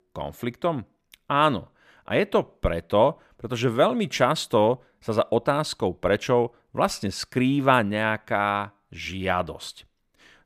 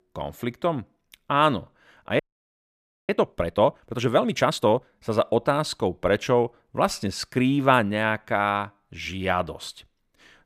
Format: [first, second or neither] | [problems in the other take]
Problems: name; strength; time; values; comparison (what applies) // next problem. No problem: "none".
first | audio freezing; at 2 s for 1 s